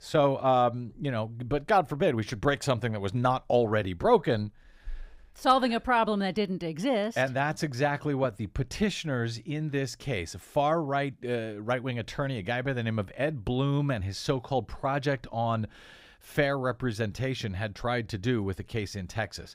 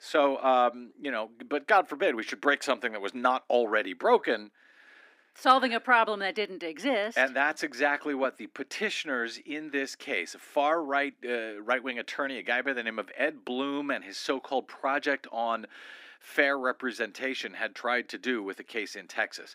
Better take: first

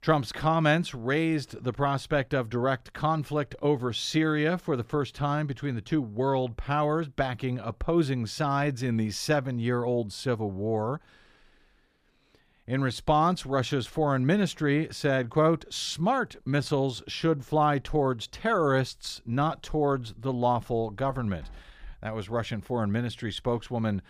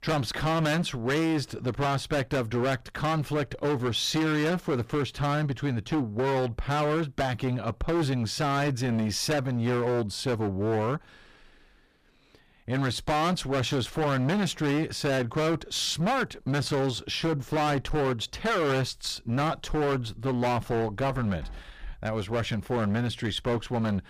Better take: first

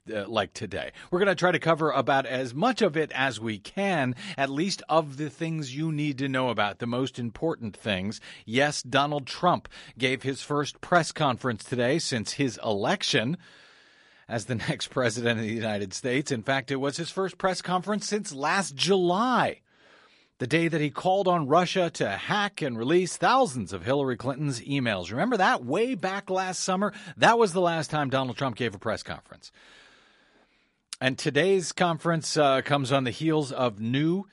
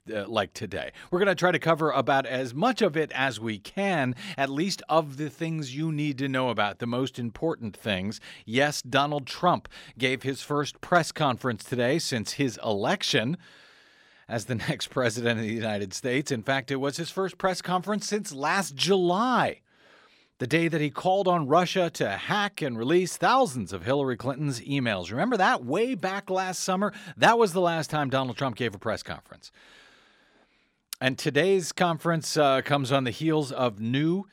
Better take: second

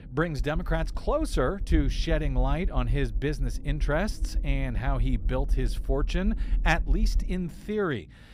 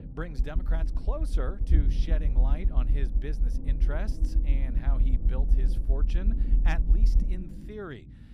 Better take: first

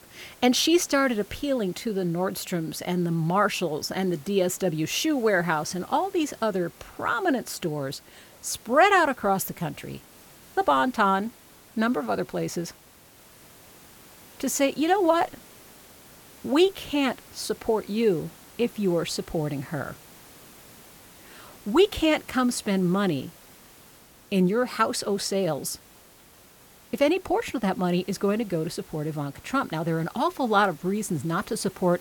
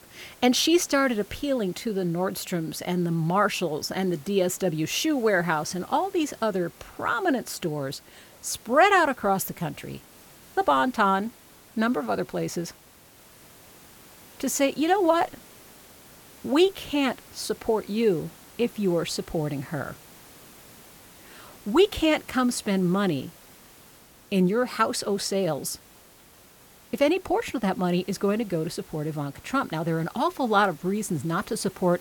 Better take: neither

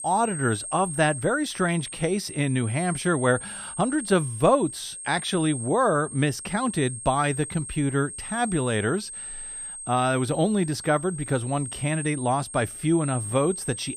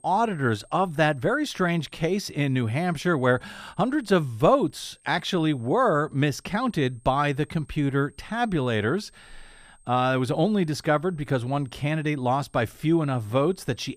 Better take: second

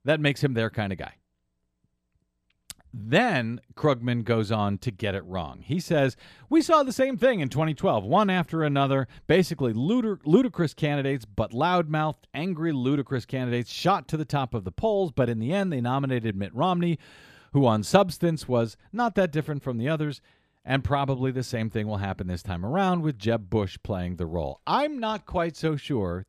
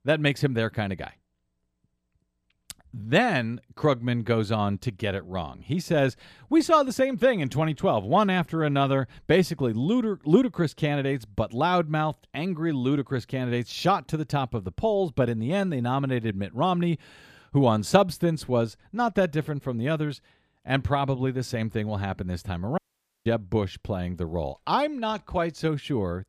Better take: first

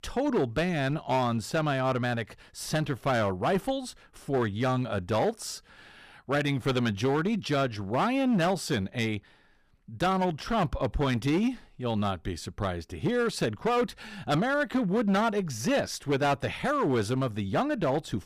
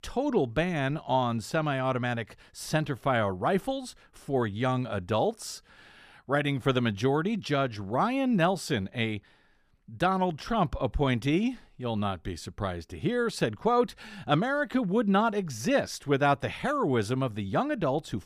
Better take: second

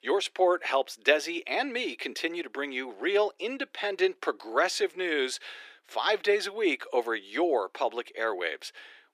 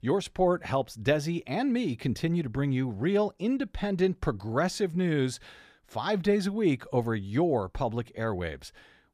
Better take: second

